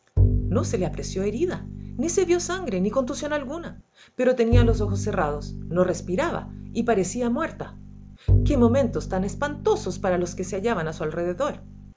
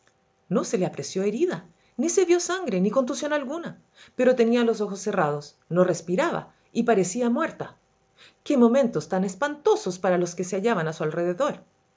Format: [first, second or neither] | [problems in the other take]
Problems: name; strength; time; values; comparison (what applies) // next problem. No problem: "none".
second | background sound (Bowed string instrument); 2 dB below the speech